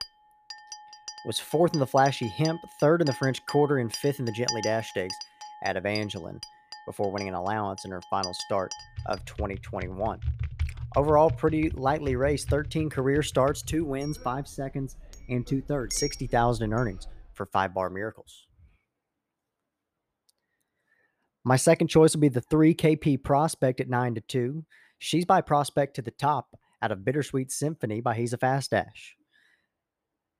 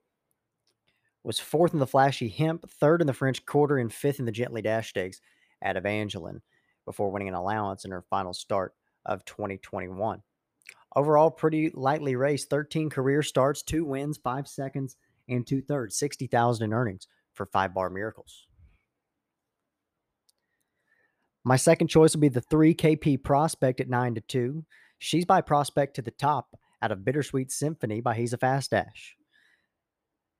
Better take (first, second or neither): second